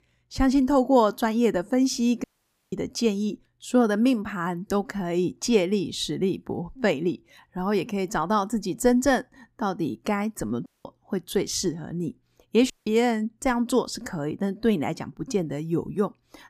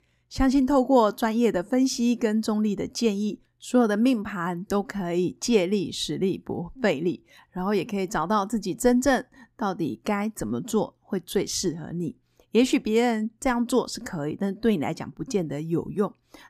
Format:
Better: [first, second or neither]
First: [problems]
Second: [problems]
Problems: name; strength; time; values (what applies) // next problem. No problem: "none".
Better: second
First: audio cutting out; at 2 s, at 11 s and at 13 s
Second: none